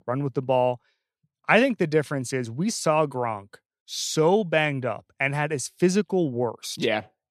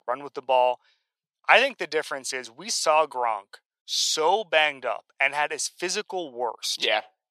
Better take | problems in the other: first | thin; very; fading below 700 Hz

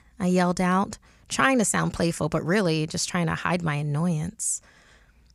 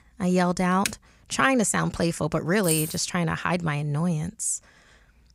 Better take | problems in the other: first | keyboard typing; very faint; at 1 s; peak 7 dB below the speech // jangling keys; noticeable; at 2.5 s; peak 2 dB below the speech

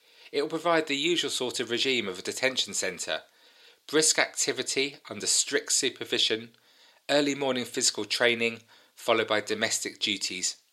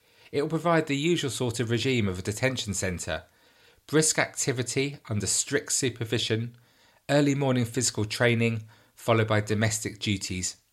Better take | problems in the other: second | thin; somewhat; fading below 350 Hz

